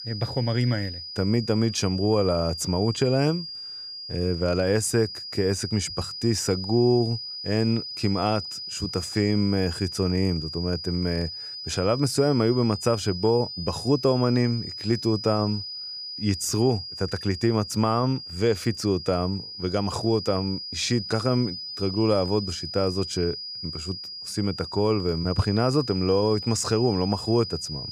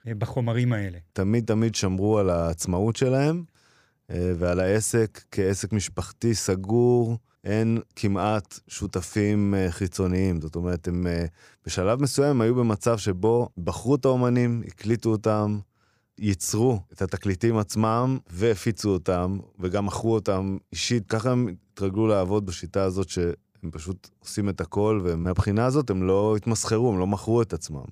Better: second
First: high-pitched whine; loud; throughout; 5 kHz, 8 dB below the speech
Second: none

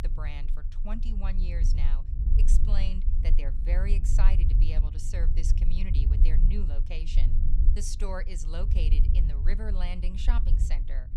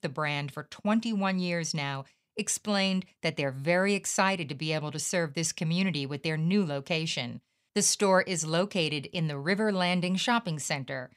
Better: second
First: low rumble; loud; throughout; 6 dB below the speech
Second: none

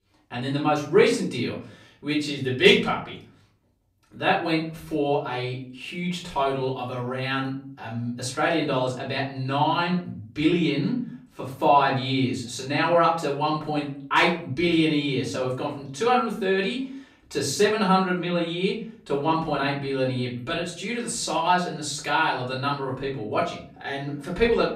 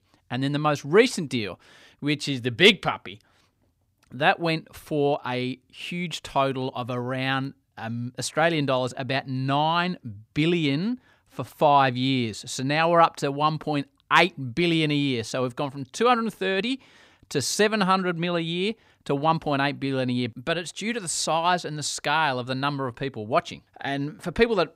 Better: second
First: off-mic speech; far // room echo; slight; dies away in 0.4 s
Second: none

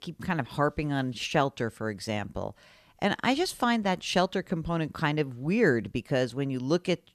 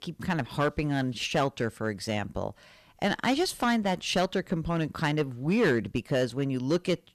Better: first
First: none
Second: distortion; slight; 4% of the sound clipped

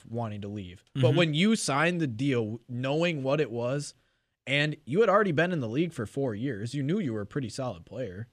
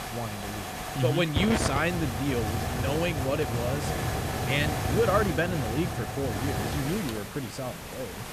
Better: first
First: none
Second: hiss; loud; throughout; 2 dB below the speech

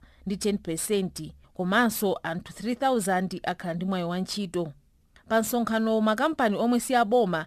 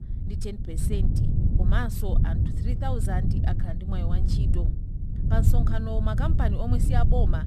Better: first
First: none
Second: low rumble; loud; throughout; 4 dB below the speech

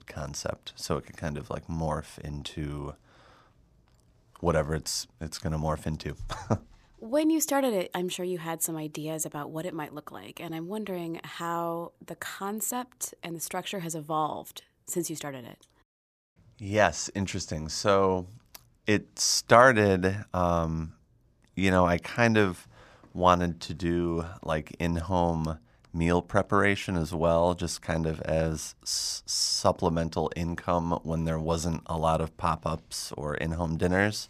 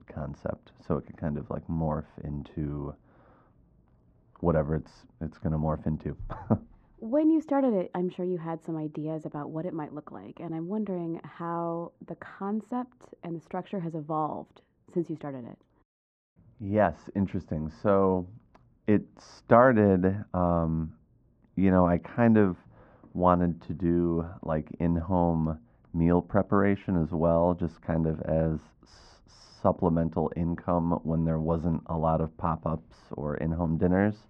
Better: first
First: none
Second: muffled; very; fading above 1 kHz

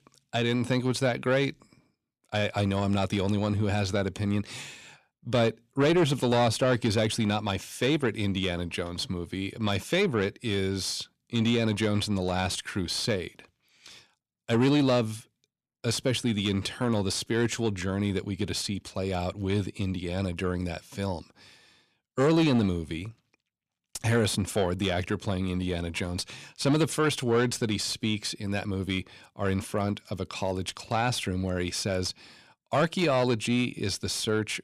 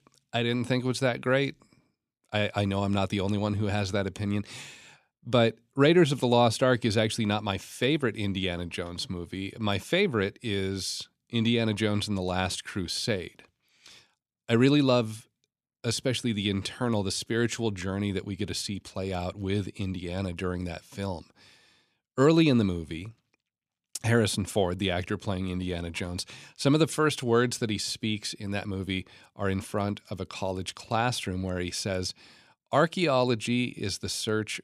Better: second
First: distortion; slight; 10 dB below the speech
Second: none

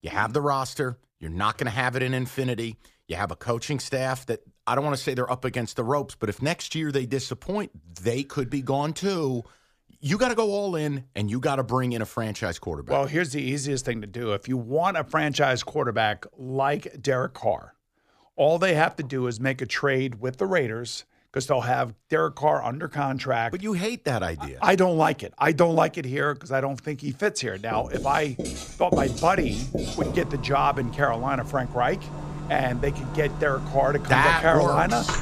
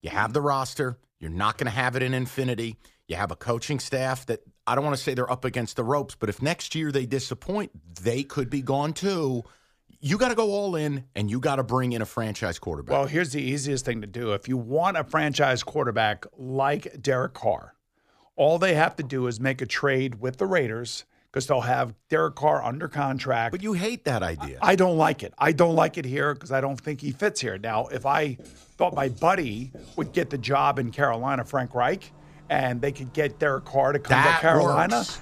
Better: second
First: household noises; loud; from 28 s on; 7 dB below the speech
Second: household noises; faint; from 28 s on; 25 dB below the speech

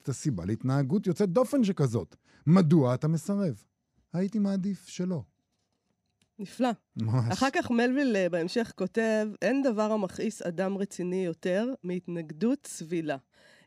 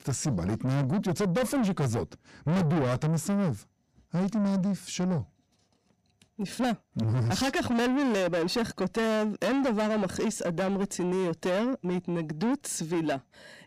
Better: first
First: none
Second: distortion; heavy; 6 dB below the speech

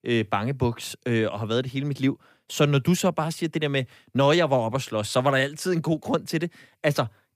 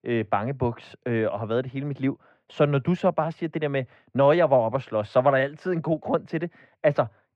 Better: first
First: none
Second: muffled; very; fading above 2 kHz

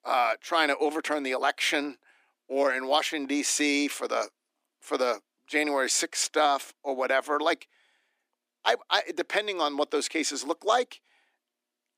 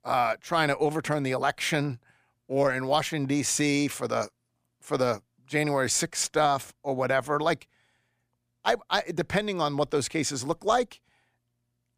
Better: second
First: thin; very slightly; fading below 300 Hz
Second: none

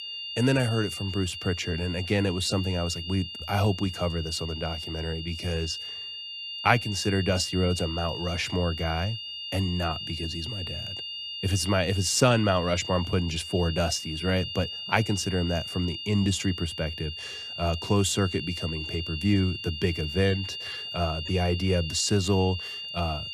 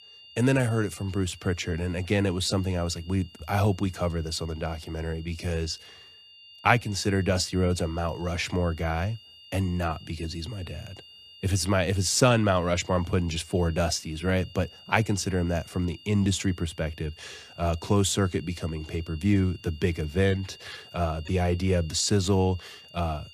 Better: second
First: high-pitched whine; loud; throughout; 3 kHz, 7 dB below the speech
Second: high-pitched whine; faint; throughout; 3 kHz, 20 dB below the speech

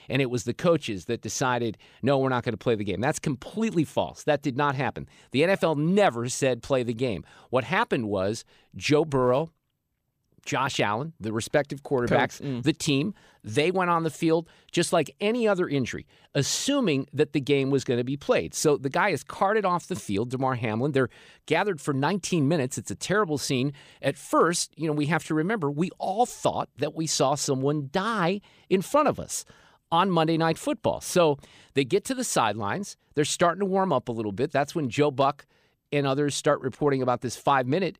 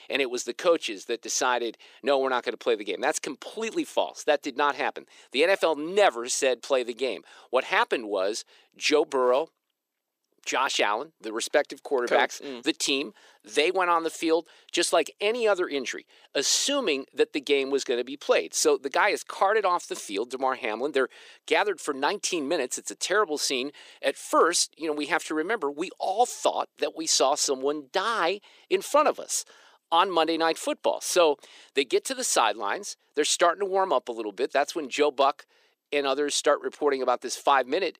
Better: first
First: none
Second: thin; somewhat; fading below 350 Hz

